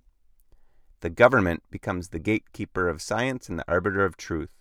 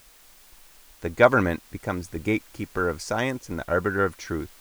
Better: first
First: none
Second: hiss; faint; throughout; 25 dB below the speech

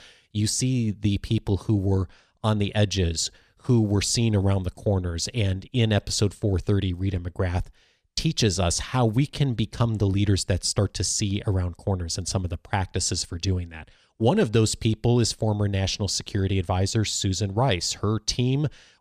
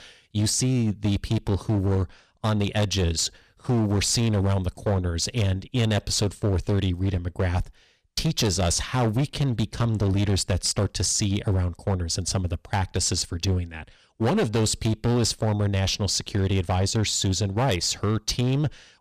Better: first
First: none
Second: distortion; slight; 14% of the sound clipped

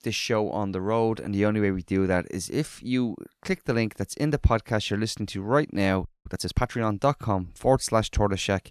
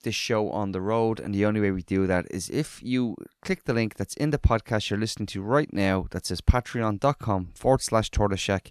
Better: second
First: audio freezing; at 6 s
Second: none

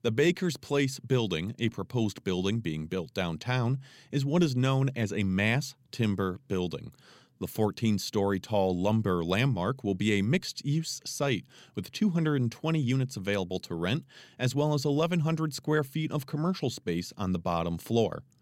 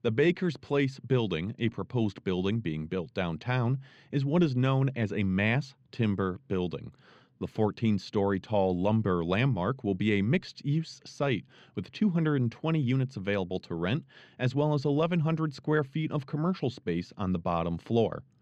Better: first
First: none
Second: muffled; slightly; fading above 3 kHz

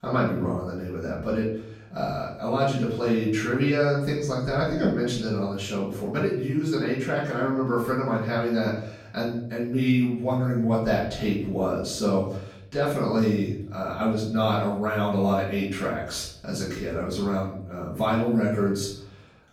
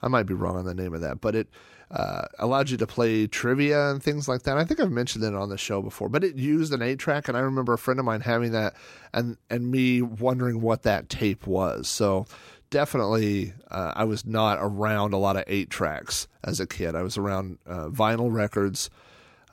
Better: second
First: off-mic speech; far // room echo; noticeable; dies away in 0.6 s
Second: none

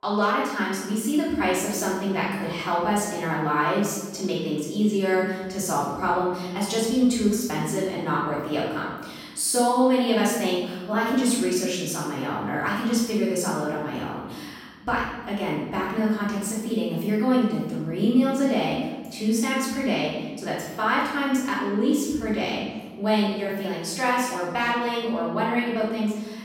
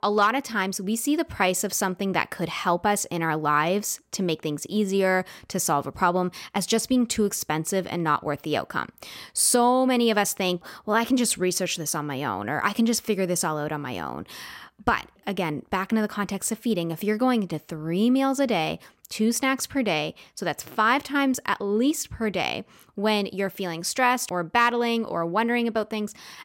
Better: second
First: off-mic speech; far // room echo; noticeable; dies away in 1.1 s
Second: none

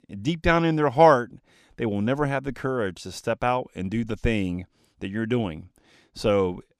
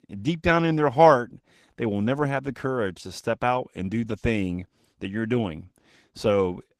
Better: first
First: none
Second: garbled, watery; slightly; nothing above 14.5 kHz

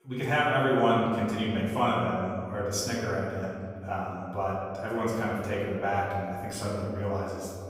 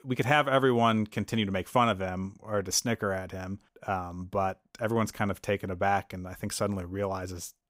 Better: second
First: off-mic speech; far // room echo; noticeable; dies away in 1.9 s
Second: none

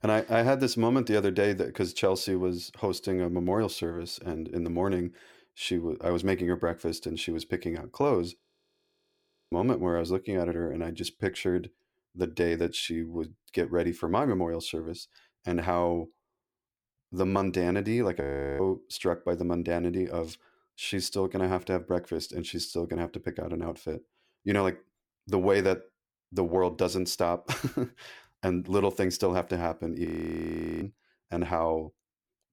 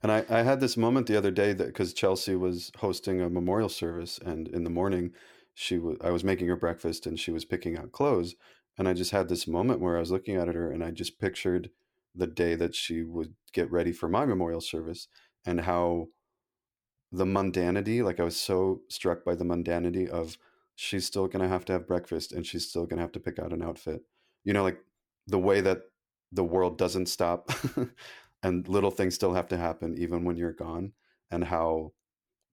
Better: second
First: audio freezing; at 8.5 s for 1 s, at 18 s and at 30 s for 1 s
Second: none

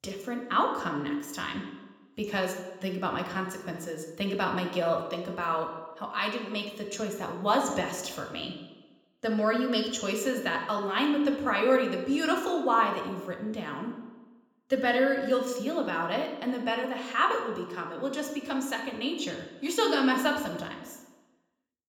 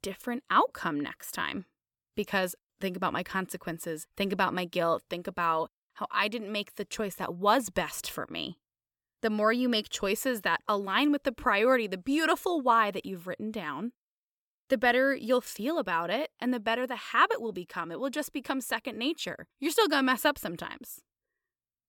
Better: second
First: room echo; noticeable; dies away in 0.9 s // off-mic speech; somewhat distant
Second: none

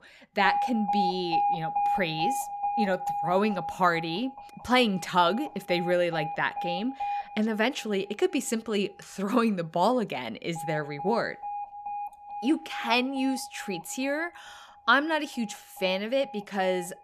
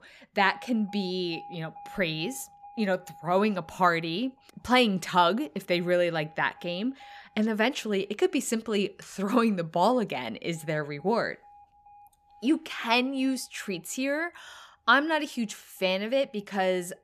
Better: second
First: alarms or sirens; loud; throughout; 5 dB below the speech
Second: alarms or sirens; faint; throughout; 25 dB below the speech

